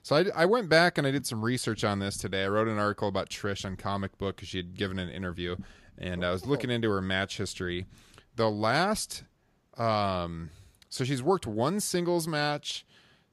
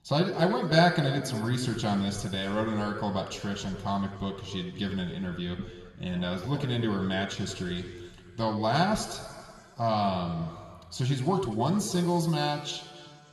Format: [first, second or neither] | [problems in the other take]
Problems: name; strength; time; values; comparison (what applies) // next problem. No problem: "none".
first | room echo; slight; dies away in 1.9 s